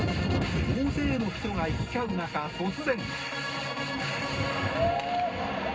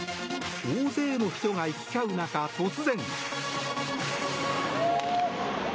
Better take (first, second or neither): second